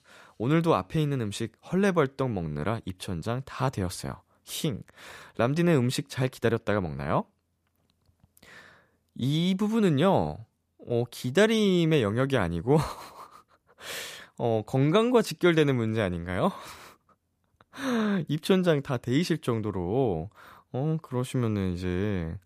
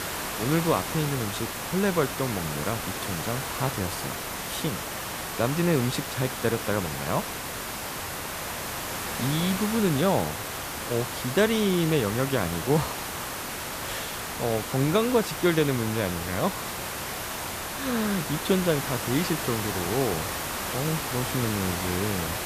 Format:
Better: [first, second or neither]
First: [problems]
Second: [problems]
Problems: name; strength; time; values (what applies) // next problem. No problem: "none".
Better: first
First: none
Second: hiss; loud; throughout; 3 dB below the speech